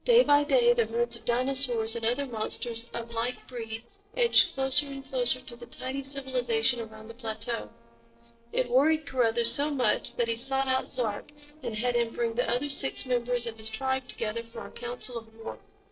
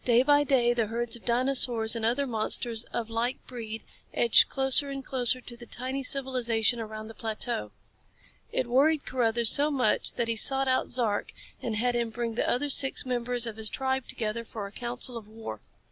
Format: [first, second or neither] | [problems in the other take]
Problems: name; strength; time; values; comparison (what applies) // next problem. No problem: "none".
second | noise reduction (neural separator model SepFormer DNS4)